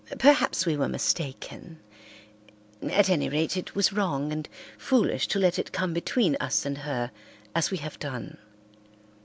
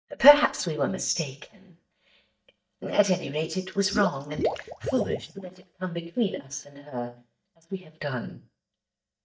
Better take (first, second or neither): first